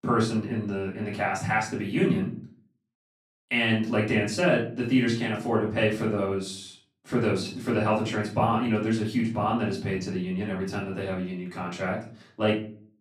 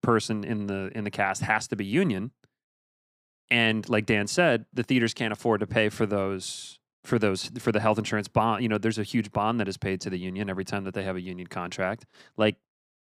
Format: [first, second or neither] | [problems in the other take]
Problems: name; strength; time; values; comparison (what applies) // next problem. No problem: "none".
second | off-mic speech; far // room echo; slight; dies away in 0.4 s